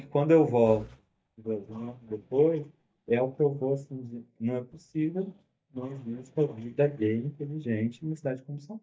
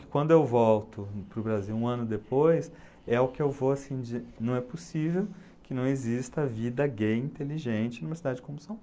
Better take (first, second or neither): second